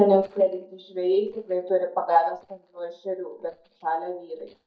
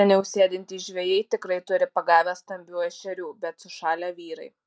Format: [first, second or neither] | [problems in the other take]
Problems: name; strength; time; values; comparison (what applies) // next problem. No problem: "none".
second | noise reduction (neural mask model DeepFilterNet 3)